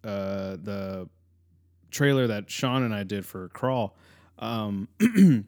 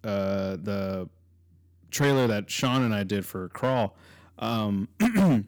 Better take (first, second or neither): first